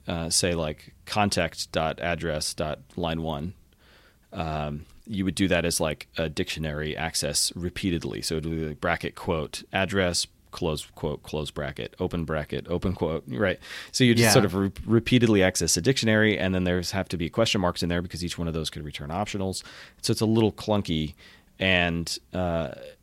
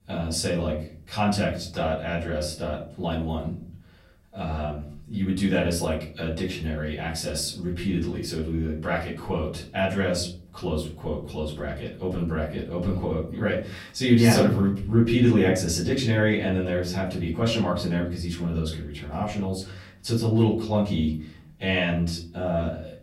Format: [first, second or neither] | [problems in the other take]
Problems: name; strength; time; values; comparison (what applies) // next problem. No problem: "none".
first | off-mic speech; far // room echo; slight; dies away in 0.7 s